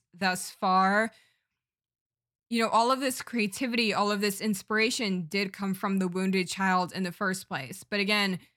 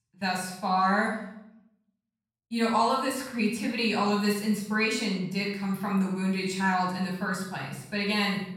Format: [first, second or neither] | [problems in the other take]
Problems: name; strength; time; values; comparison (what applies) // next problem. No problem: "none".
first | off-mic speech; far // room echo; noticeable; dies away in 0.7 s